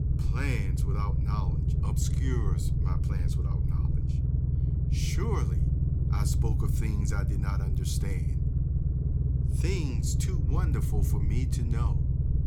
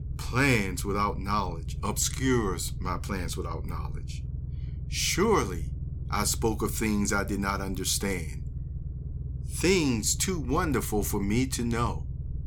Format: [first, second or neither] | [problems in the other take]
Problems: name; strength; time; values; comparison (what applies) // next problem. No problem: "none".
second | low rumble; loud; throughout; 1 dB below the speech; faint in the second